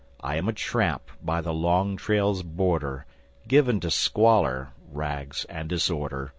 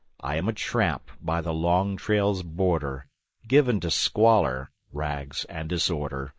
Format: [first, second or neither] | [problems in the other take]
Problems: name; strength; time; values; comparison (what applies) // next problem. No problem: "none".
first | noise reduction (neural mask model Resemble Enhance denoiser)